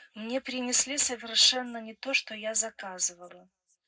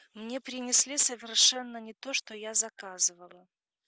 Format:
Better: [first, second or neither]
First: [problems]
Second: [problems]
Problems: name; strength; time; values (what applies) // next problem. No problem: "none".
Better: second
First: room echo; dies away in 0.3 s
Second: none